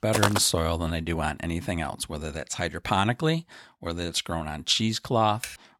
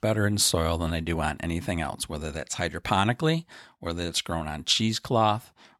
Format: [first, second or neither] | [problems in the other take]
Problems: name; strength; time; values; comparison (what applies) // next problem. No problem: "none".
second | footsteps; loud; at the start; peak 1 dB above the speech // keyboard typing; faint; at 5.5 s; peak 10 dB below the speech